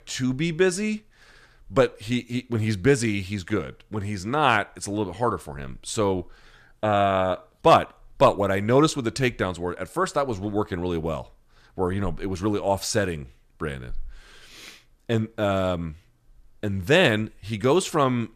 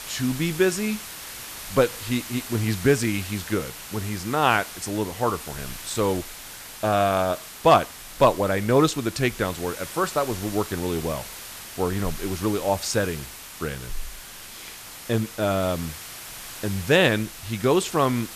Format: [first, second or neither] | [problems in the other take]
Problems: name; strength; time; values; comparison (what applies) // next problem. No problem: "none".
first | hiss; noticeable; throughout; 10 dB below the speech